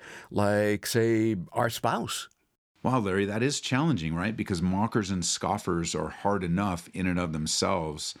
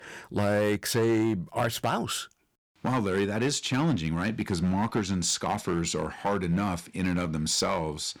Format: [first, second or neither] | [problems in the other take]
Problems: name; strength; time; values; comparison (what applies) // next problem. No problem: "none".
first | distortion; slight; 6% of the sound clipped